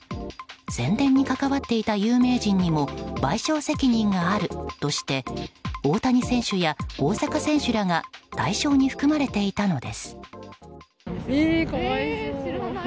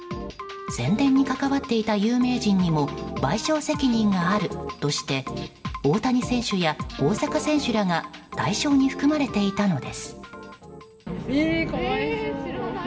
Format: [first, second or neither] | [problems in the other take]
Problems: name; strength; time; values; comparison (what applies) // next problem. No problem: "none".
first | background sound (Wind instrument, woodwind instrument); 19 dB below the speech // room echo; dies away in 1.2 s